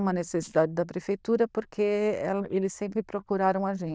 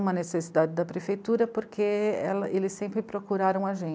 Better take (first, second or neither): second